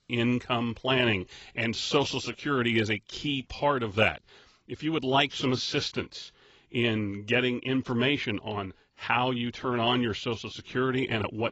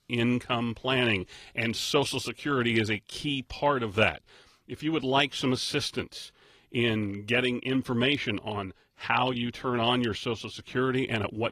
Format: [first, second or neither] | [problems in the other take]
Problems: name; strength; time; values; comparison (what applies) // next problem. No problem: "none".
second | garbled, watery; badly; nothing above 7.5 kHz; slightly in the second